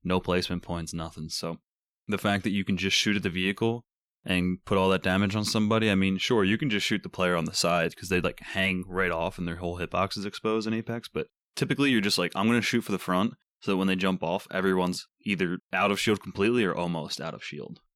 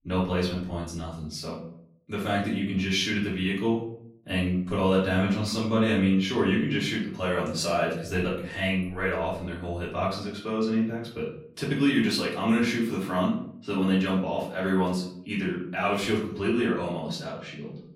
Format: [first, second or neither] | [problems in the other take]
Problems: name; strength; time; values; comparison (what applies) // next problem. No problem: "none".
first | off-mic speech; far // room echo; noticeable; dies away in 0.5 s